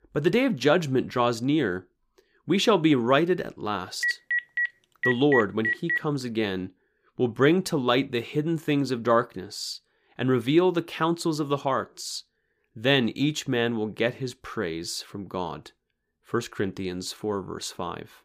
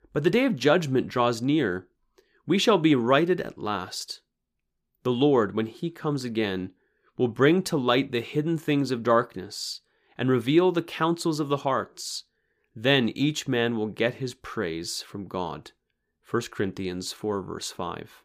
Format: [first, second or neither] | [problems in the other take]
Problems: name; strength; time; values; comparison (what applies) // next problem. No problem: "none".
second | phone ringing; loud; from 4 to 6 s; peak 1 dB above the speech